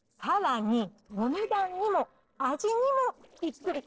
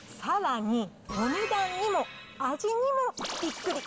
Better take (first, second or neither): second